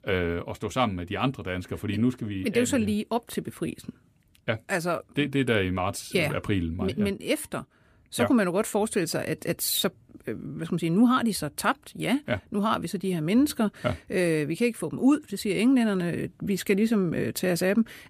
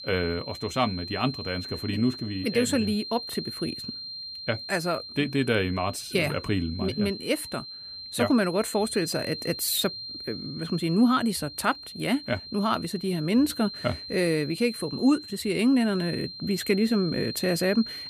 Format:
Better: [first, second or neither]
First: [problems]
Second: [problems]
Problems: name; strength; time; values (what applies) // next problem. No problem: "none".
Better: first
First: none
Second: high-pitched whine; loud; throughout; 4 kHz, 10 dB below the speech